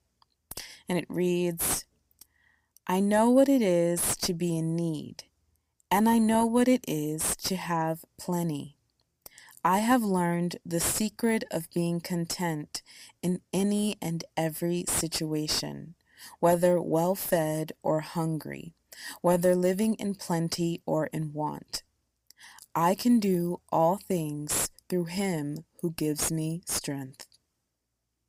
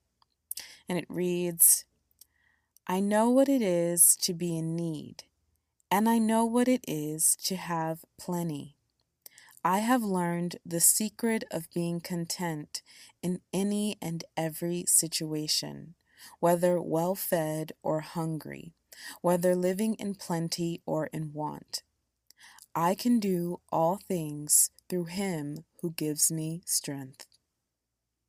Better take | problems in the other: second | distortion; heavy; 7 dB below the speech

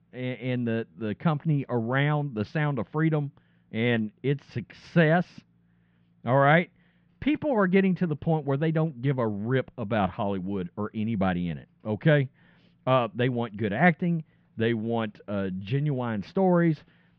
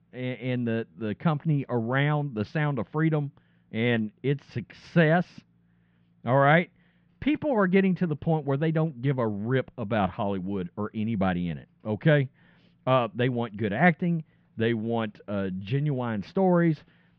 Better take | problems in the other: neither | muffled; very; fading above 3 kHz; the same in both

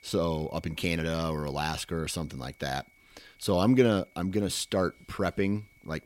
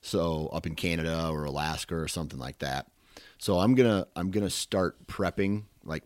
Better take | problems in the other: second | high-pitched whine; faint; throughout; 2 kHz, 30 dB below the speech

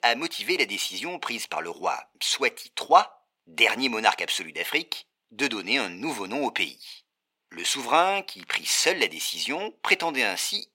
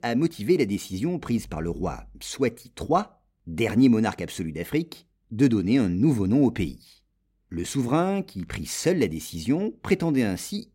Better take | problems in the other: second | thin; very; fading below 800 Hz

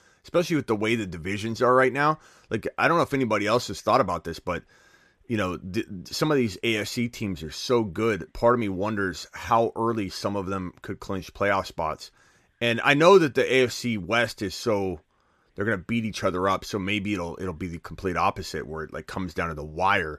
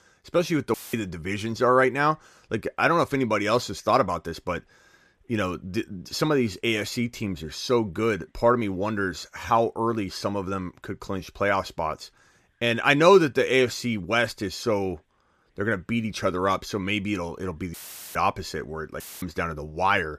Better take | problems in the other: first | audio cutting out; filled with static; at 0.5 s, at 18 s and at 19 s

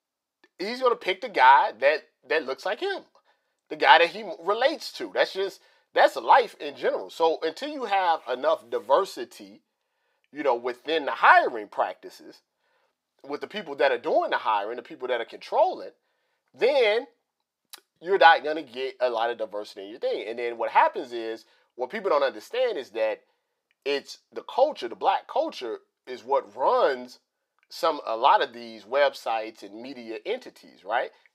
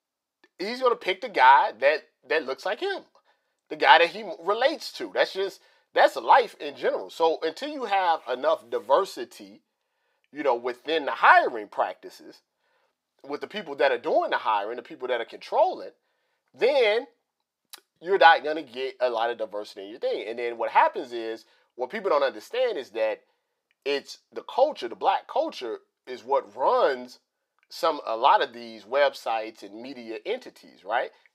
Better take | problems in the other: neither | thin; very; fading below 650 Hz; the same in both

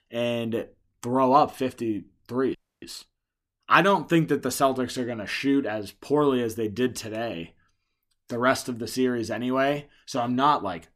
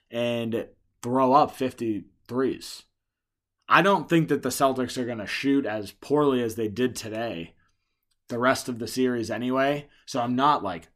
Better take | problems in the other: second | audio freezing; at 2.5 s

